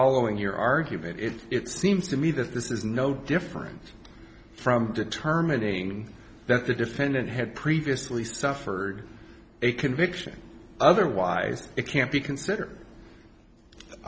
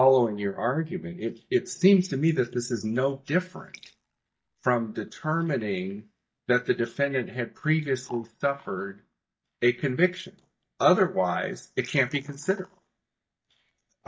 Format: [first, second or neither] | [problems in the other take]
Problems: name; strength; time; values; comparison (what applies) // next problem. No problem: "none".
first | noise reduction (neural mask model DeepFilterNet 3)